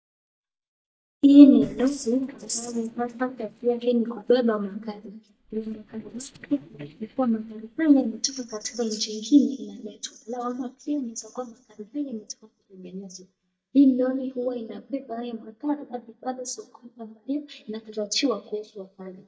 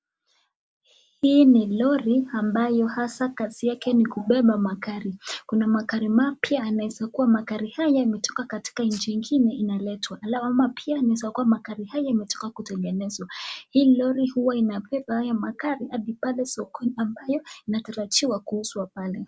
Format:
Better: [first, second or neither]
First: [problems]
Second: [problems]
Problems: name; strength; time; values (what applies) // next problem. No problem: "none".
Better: second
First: noise reduction (neural mask model DeepFilterNet 3)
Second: none